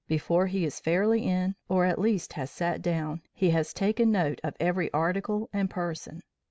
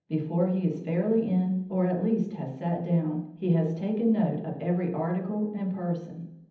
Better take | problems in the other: first | room echo; dies away in 0.8 s

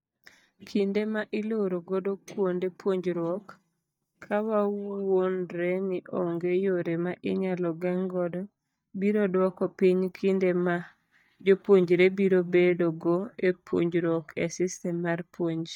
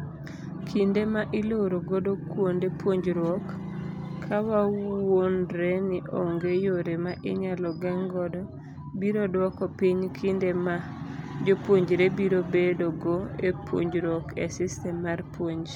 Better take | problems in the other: second | noise reduction (neural mask model DeepFilterNet 3)

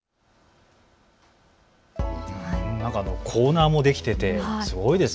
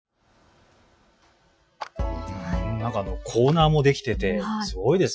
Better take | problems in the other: first | noise reduction (classical method Wiener filter)

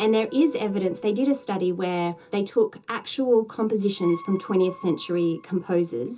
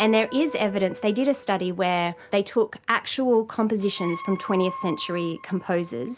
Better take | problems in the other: second | room echo; dies away in 0.2 s

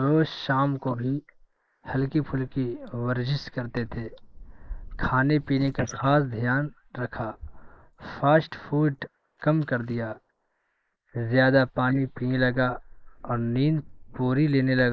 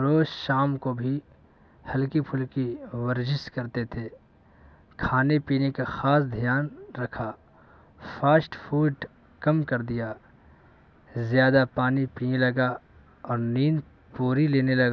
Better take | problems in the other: second | noise reduction (neural mask model Resemble Enhance denoiser)

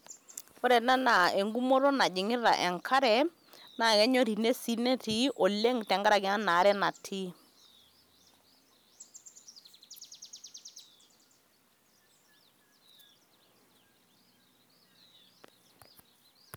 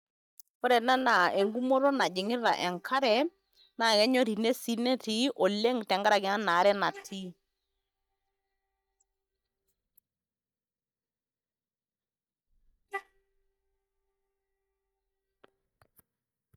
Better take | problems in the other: first | noise reduction (neural mask model DeepFilterNet 3)

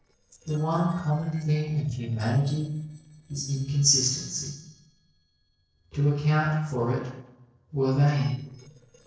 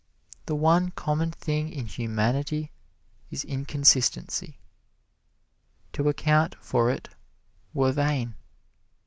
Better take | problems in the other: second | noise reduction (neural separator model SepFormer DNS4)

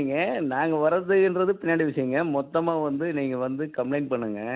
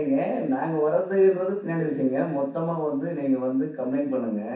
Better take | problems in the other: first | room echo; dies away in 0.6 s

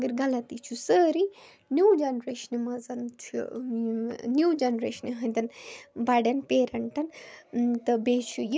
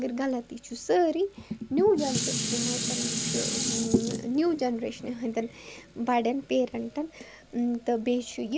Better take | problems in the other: first | background sound (Dishes, pots, and pans); 5 dB below the speech

